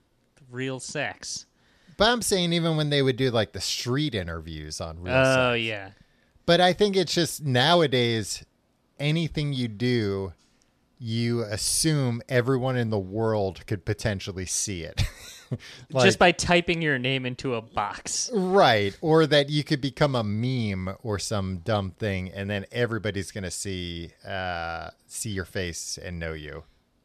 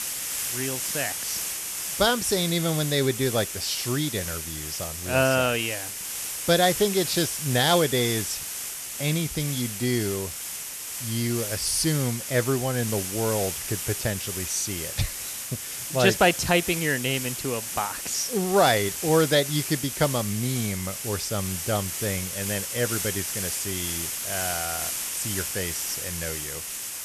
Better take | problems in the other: first | hiss; loud; throughout; 3 dB below the speech

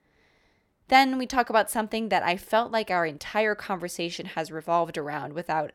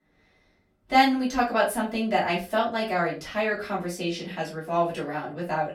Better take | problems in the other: first | off-mic speech; far // room echo; slight; dies away in 0.3 s

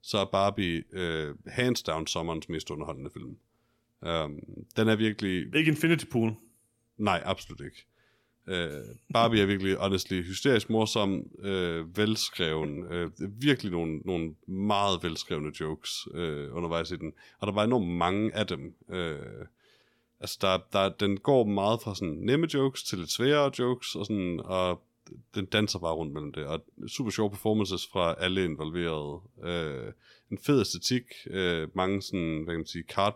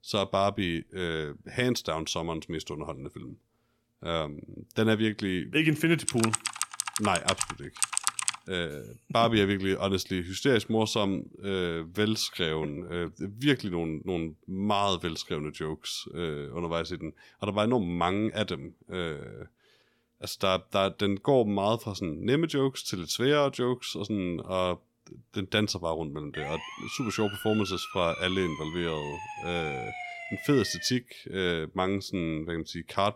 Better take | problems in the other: first | keyboard typing; loud; from 6 to 8.5 s; peak 2 dB above the speech // siren; noticeable; from 26 to 31 s; peak 6 dB below the speech

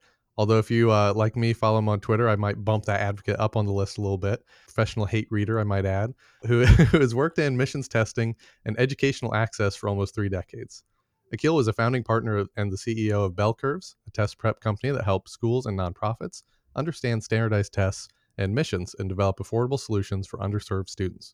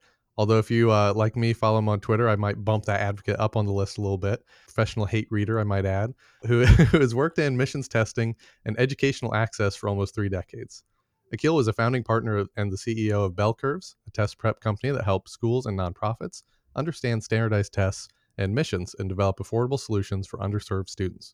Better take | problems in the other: neither | none

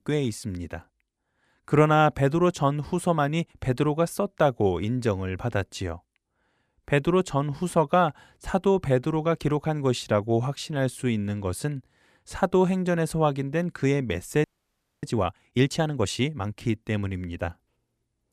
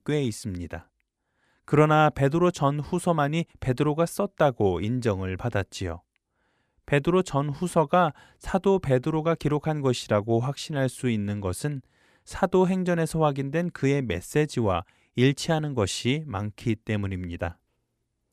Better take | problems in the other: second | audio freezing; at 14 s for 0.5 s

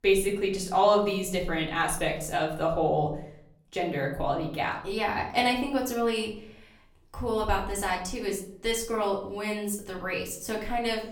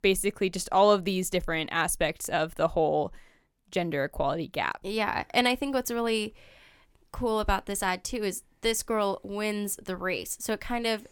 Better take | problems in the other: second | off-mic speech; far // room echo; slight; dies away in 0.5 s

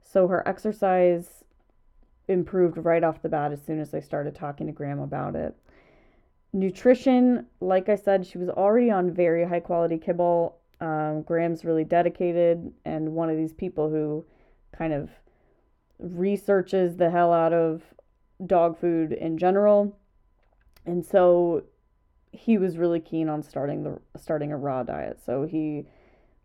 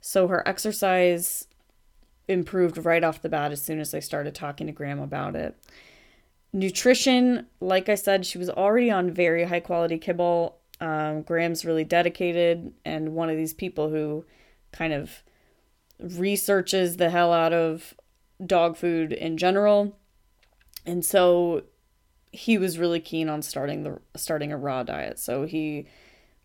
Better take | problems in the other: second | muffled; very; fading above 2.5 kHz

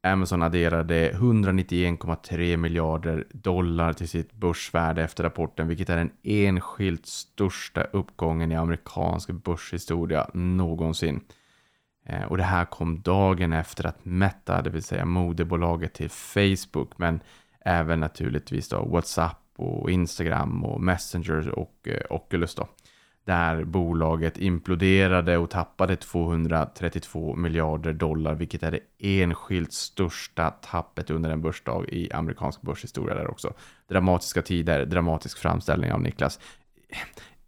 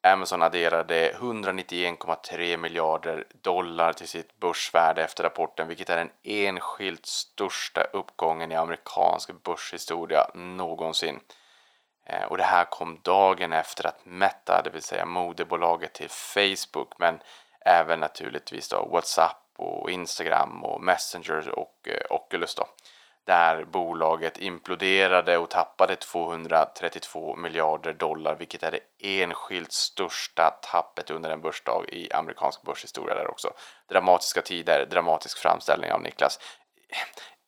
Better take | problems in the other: first | thin; very; fading below 550 Hz

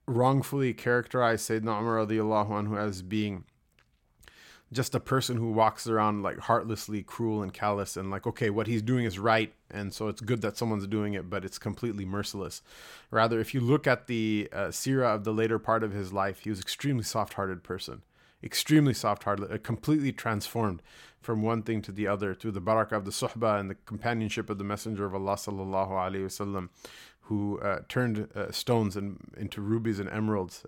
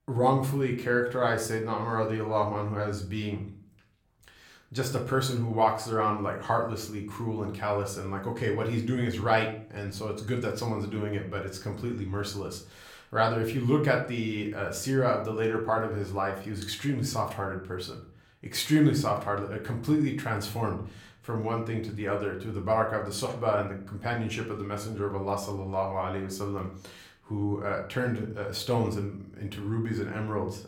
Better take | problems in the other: first | room echo; slight; dies away in 0.4 s // off-mic speech; somewhat distant

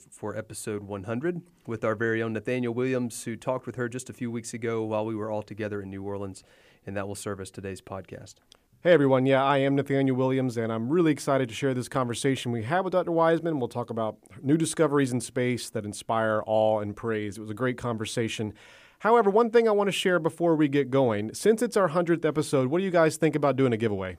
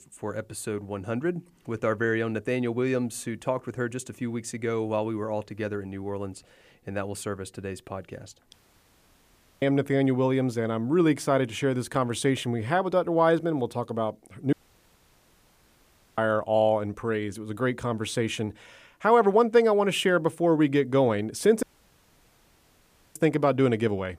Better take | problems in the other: first | audio cutting out; at 8.5 s for 1 s, at 15 s for 1.5 s and at 22 s for 1.5 s

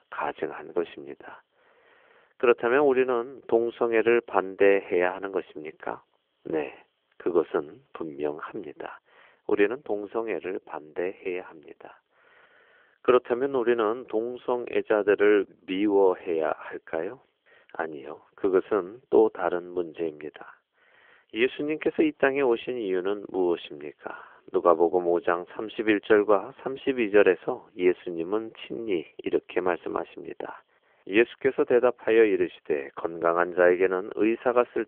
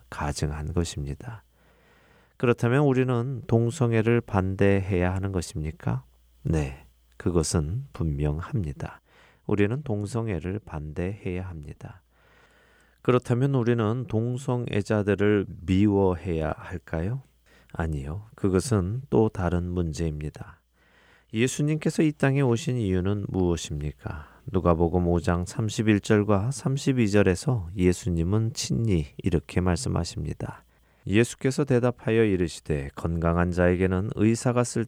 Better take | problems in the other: second | phone-call audio

